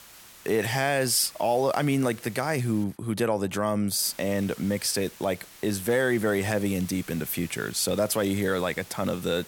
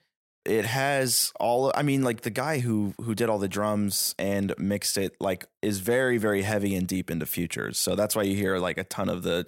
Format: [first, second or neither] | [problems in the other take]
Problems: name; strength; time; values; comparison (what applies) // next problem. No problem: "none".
second | hiss; noticeable; until 3 s and from 4 s on; 20 dB below the speech